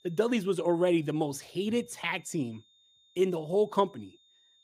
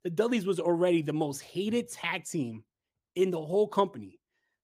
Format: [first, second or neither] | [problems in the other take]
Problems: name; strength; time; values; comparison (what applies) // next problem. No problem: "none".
second | high-pitched whine; faint; throughout; 3.5 kHz, 30 dB below the speech